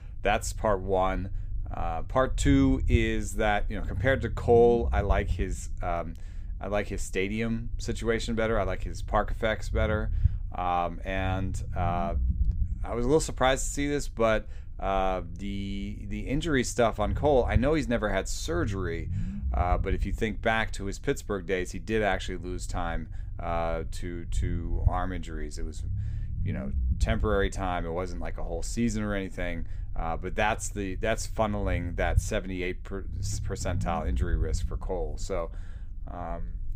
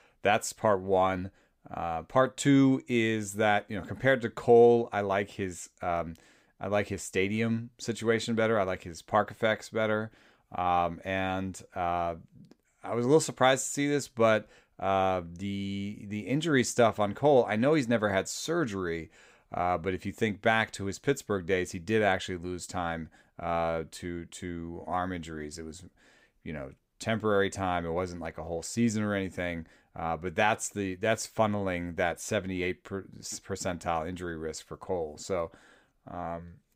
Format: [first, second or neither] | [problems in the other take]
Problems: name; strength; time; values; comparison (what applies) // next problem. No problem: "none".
second | low rumble; faint; throughout; 20 dB below the speech